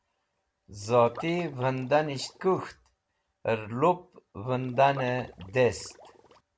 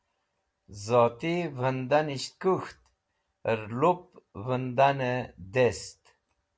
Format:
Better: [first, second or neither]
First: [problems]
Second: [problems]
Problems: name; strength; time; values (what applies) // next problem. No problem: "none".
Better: second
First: background sound (Liquid); 19 dB below the speech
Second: none